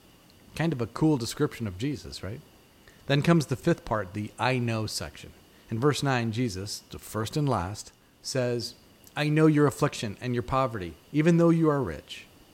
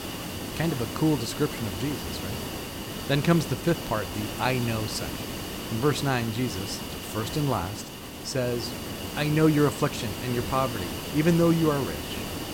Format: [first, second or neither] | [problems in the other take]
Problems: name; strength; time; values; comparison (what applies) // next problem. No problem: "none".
first | hiss; loud; throughout; 7 dB below the speech; faint in the first